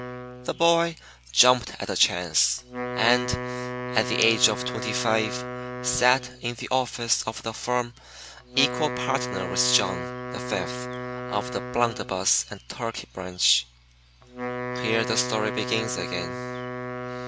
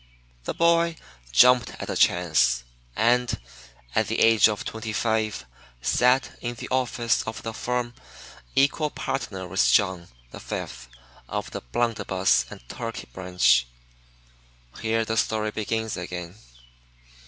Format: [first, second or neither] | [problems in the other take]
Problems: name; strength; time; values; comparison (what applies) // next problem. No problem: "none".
second | background sound (Wind instrument, woodwind instrument); 7 dB below the speech